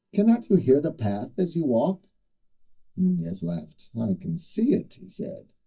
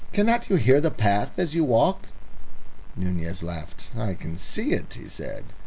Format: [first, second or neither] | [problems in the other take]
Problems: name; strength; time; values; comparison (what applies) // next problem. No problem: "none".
second | noise reduction (neural mask model DeepFilterNet 3)